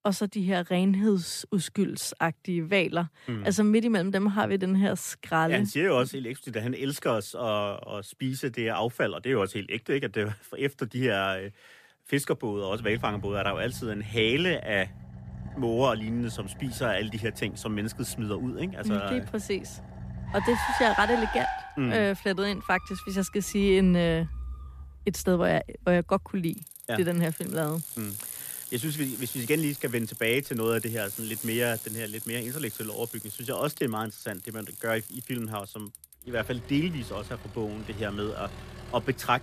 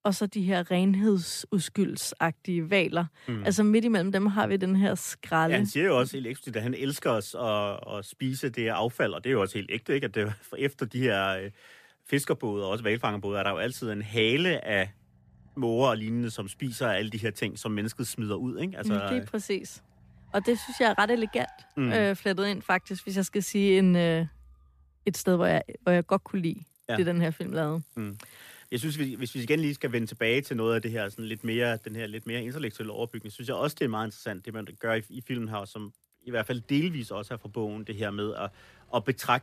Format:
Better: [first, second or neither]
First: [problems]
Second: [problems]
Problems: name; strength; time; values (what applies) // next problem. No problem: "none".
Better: second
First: traffic noise; loud; from 12 s on; 10 dB below the speech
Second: traffic noise; faint; from 12 s on; 25 dB below the speech